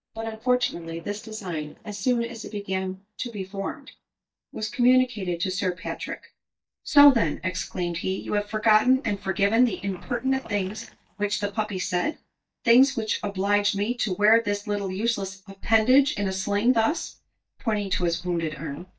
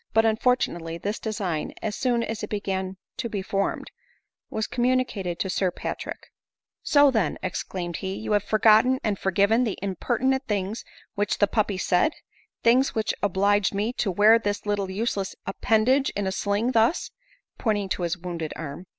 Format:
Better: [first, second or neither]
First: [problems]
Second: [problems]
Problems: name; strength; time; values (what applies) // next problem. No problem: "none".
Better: second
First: noise reduction (neural mask model DeepFilterNet 3)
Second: none